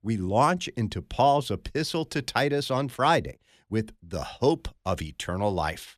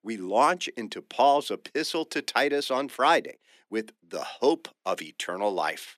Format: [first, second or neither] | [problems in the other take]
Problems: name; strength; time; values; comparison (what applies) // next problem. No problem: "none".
first | thin; somewhat; fading below 250 Hz